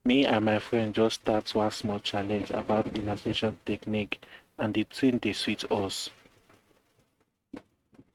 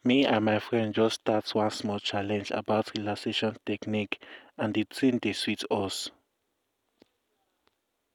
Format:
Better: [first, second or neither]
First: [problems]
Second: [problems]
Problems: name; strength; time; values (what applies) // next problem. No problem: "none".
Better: second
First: noise reduction (neural mask model RNNoise)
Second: none